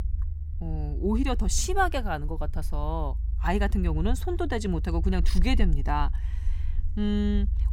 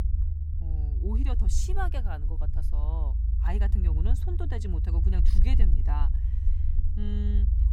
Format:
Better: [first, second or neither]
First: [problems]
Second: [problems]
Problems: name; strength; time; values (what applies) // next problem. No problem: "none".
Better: first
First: low rumble; faint; throughout; 20 dB below the speech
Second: low rumble; loud; throughout; 6 dB below the speech